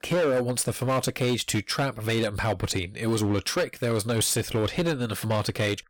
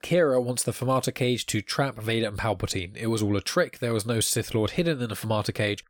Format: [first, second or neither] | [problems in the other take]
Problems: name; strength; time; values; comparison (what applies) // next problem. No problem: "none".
second | distortion; slight; 14% of the sound clipped